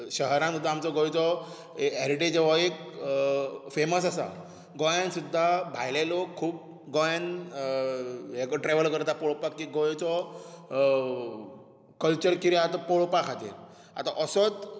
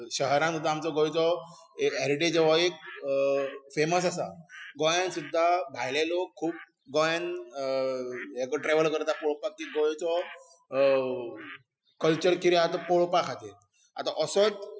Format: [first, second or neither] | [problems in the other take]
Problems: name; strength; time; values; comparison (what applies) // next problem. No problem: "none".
first | noise reduction (classical method Wiener filter)